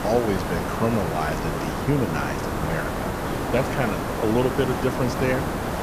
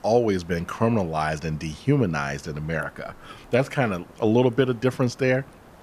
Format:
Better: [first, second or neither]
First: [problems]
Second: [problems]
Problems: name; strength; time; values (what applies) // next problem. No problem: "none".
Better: second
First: hiss; loud; throughout; 1 dB below the speech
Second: hiss; faint; throughout; 25 dB below the speech